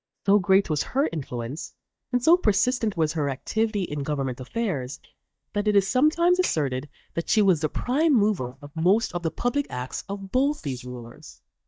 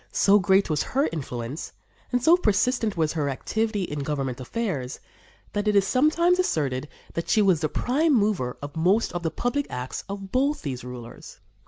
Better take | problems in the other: second | noise reduction (neural mask model DeepFilterNet 3)

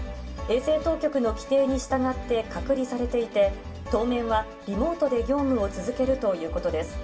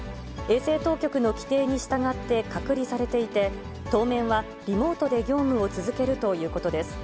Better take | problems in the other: second | room echo; dies away in 0.2 s

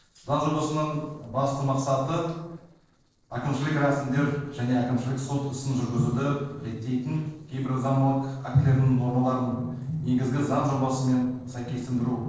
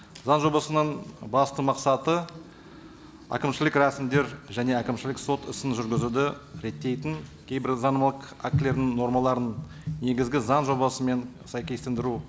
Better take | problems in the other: second | noise reduction (neural separator model SepFormer DNS4)

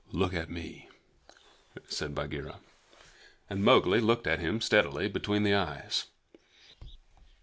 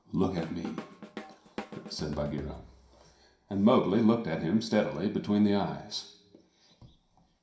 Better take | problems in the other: first | background sound (Drum kit); 15 dB below the speech // room echo; dies away in 0.5 s

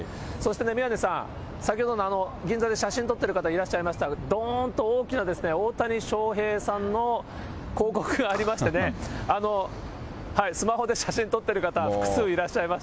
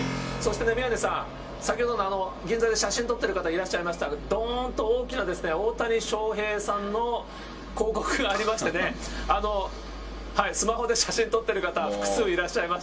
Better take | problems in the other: first | background sound (Keyboard (musical)); 16 dB below the speech // room echo; dies away in 0.2 s

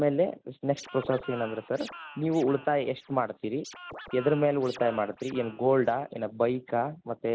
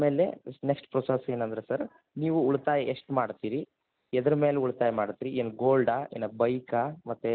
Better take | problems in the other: second | background sound (Scratching (performance technique)); 17 dB below the speech

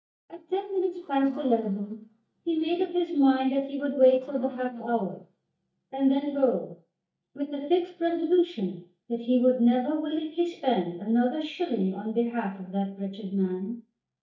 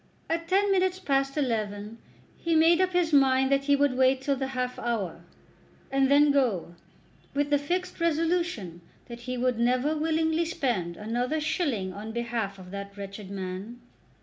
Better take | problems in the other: second | noise reduction (neural mask model DeepFilterNet 3)

